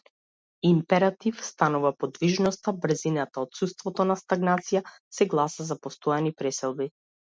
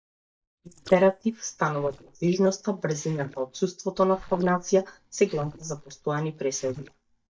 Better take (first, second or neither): first